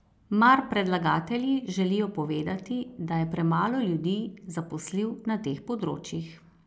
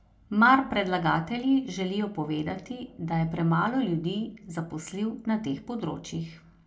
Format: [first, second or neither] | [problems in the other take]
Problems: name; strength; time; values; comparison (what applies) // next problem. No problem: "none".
first | room echo; dies away in 0.2 s